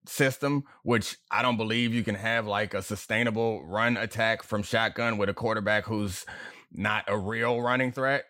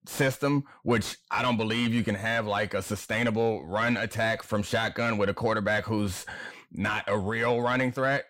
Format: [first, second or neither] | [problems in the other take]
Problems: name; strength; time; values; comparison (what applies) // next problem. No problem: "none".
first | distortion; slight; 10 dB below the speech